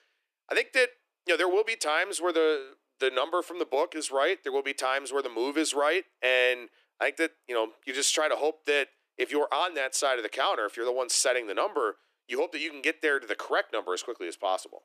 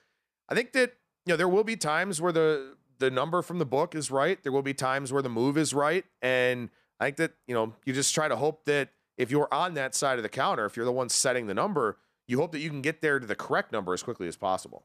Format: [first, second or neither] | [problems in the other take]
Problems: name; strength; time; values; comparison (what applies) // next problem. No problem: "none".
second | thin; somewhat; fading below 300 Hz